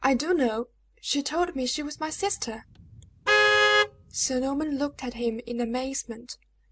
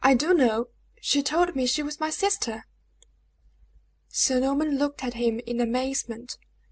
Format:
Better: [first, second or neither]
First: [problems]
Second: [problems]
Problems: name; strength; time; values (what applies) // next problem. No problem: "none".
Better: second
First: background sound (Vehicle horn, car horn, honking); 2 dB above the speech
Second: none